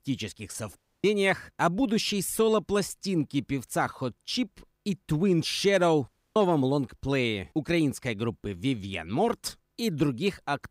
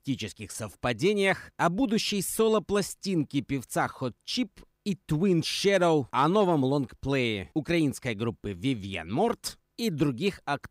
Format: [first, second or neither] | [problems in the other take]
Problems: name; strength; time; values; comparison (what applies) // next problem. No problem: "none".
second | audio cutting out; at 1 s and at 6 s